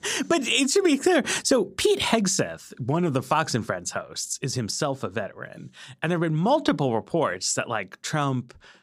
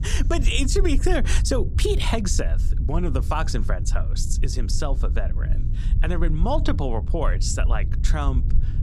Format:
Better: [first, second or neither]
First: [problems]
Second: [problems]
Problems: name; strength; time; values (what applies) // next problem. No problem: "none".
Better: first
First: none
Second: low rumble; noticeable; throughout; 15 dB below the speech